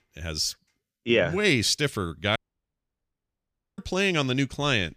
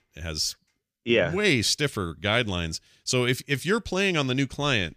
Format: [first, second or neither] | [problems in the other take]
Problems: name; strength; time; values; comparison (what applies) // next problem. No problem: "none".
second | audio cutting out; at 2.5 s for 1.5 s